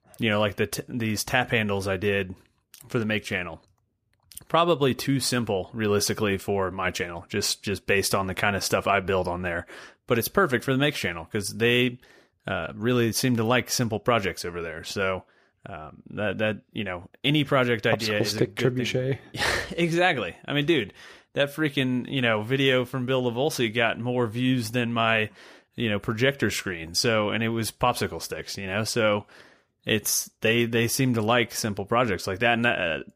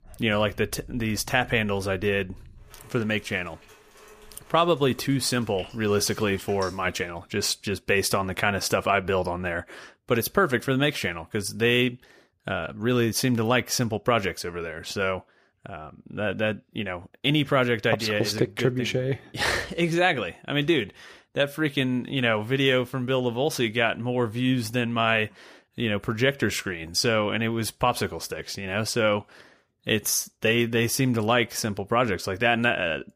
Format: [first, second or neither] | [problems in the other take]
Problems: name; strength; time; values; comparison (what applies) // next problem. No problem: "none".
first | rain or running water; faint; until 7 s; 20 dB below the speech